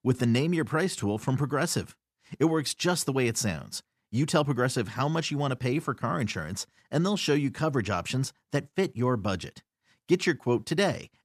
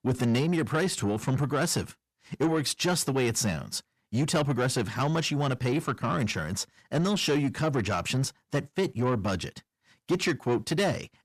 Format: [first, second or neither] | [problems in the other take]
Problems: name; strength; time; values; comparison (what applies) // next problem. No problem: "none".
first | distortion; slight; 10 dB below the speech